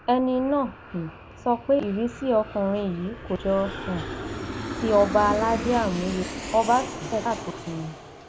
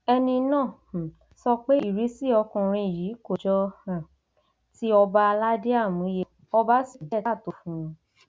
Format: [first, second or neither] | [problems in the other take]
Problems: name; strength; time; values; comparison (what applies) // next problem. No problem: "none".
second | background sound (Aircraft); 9 dB below the speech